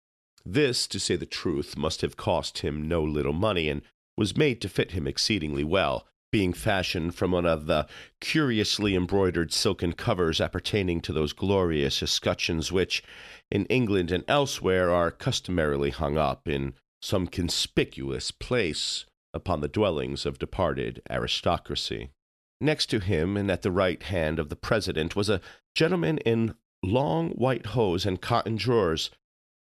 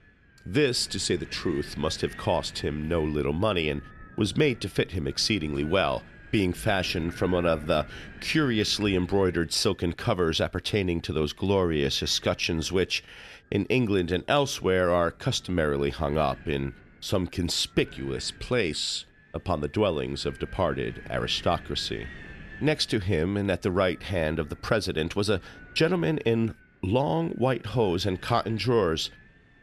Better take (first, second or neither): first